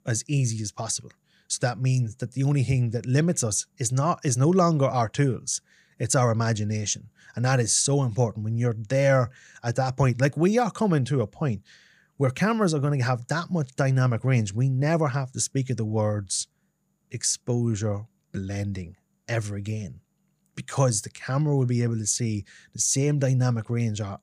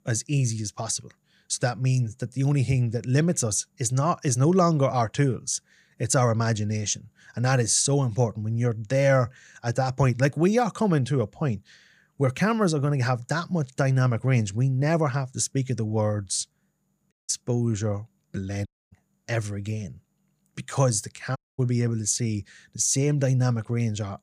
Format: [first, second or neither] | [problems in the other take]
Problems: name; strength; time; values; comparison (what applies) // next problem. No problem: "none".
first | audio cutting out; at 17 s, at 19 s and at 21 s